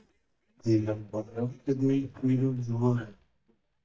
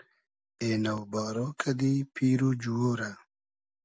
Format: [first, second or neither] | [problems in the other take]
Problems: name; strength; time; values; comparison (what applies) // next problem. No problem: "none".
second | noise reduction (neural mask model DeepFilterNet 3)